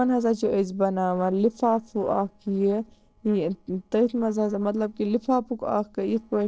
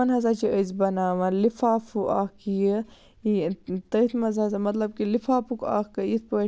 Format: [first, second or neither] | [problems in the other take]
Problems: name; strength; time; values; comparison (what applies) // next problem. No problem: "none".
second | noise reduction (neural separator model SepFormer DNS4)